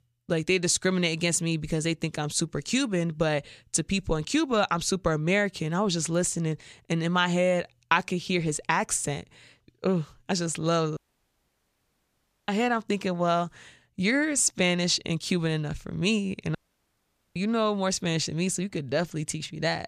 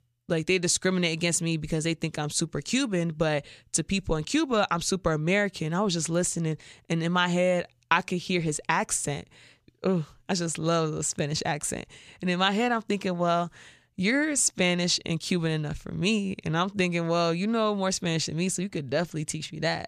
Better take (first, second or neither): second